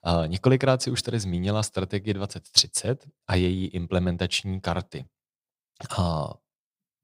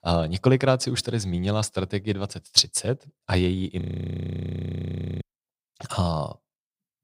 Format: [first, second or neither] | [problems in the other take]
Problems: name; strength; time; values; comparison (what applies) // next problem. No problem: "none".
first | audio freezing; at 4 s for 1.5 s